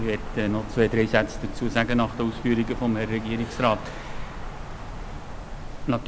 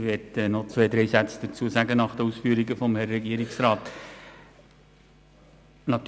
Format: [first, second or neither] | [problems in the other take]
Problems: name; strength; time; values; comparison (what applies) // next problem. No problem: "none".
second | background sound (Wind); 7 dB below the speech